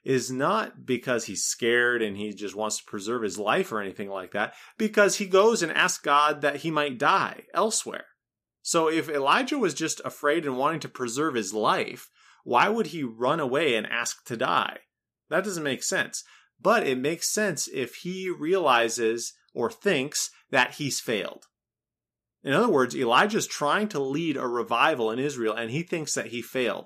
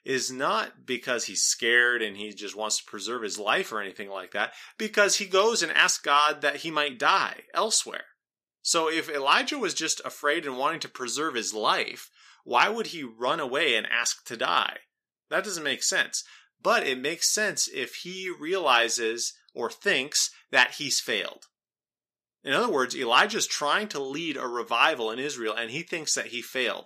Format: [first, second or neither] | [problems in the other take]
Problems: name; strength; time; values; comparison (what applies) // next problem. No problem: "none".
first | thin; very slightly; fading below 450 Hz